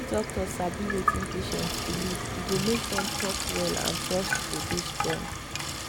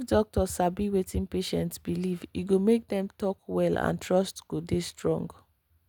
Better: second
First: background sound (Sink (filling or washing) / Water tap, faucet); 1 dB above the speech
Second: none

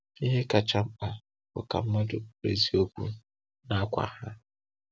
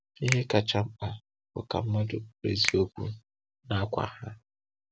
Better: first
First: none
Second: background sound (Finger snapping); 11 dB below the speech

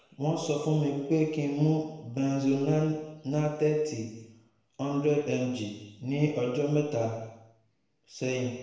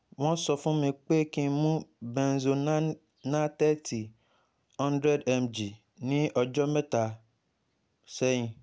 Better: second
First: room echo; dies away in 1 s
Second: none

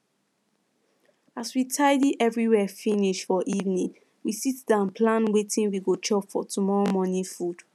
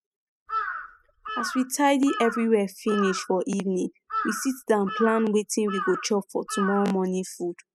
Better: first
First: none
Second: noise reduction (classical method spectral subtraction)

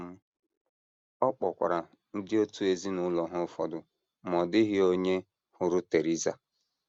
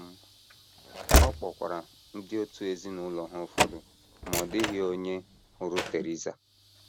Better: first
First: none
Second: background sound (Slam / Train); 4 dB above the speech

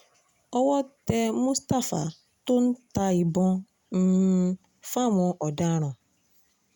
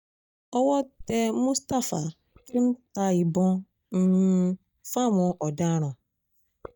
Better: first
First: none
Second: noise reduction (neural mask model DeepFilterNet 3)

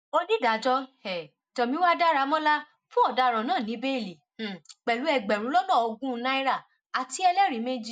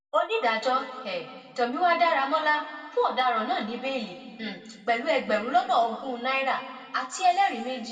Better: first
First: none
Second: room echo; dies away in 2 s

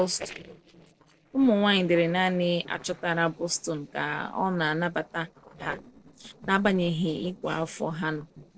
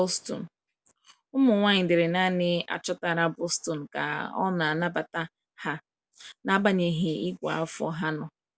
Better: second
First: noise reduction (neural separator model SepFormer DNS4)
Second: none

